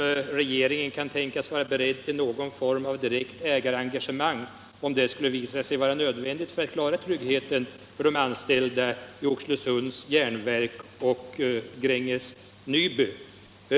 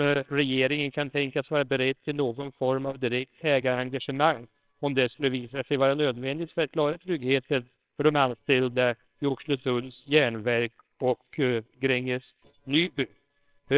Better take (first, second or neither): first